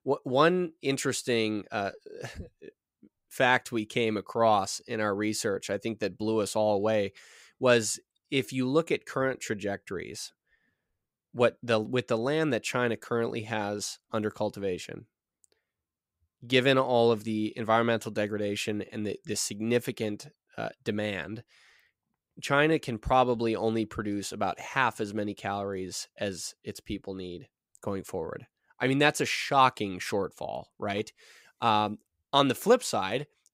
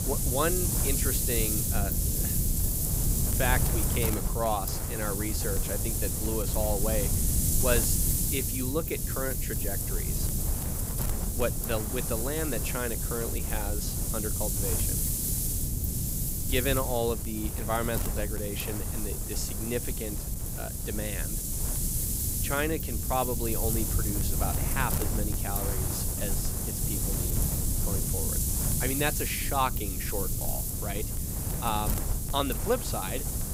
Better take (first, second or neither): first